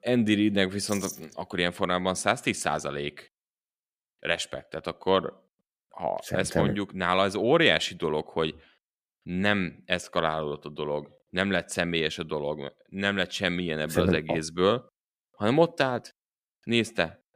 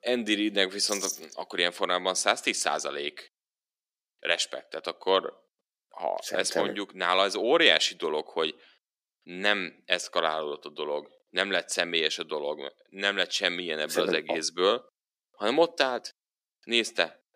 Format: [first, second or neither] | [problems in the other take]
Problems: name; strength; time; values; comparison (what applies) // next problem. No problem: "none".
first | thin; somewhat; fading below 300 Hz